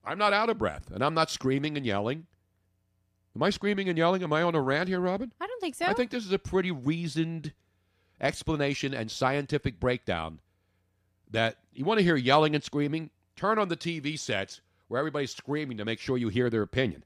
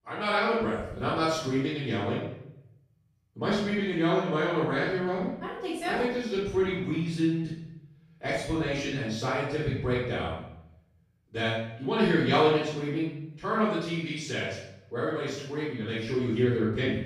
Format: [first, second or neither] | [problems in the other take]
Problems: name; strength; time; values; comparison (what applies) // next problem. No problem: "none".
first | room echo; strong; dies away in 0.7 s // off-mic speech; far